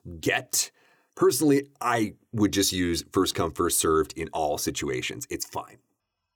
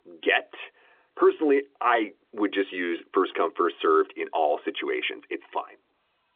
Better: first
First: none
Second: phone-call audio; nothing above 3.5 kHz

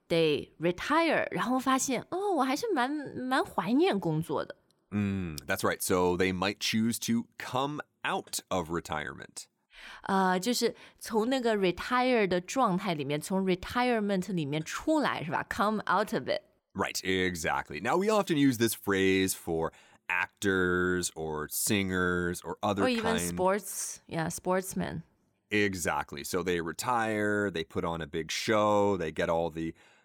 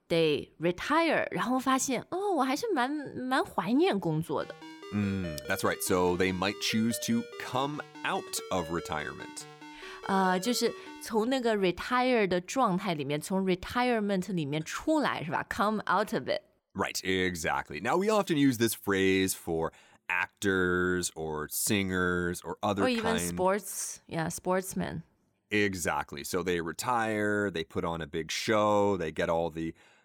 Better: first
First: none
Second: phone ringing; faint; from 4.5 to 11 s; peak 15 dB below the speech

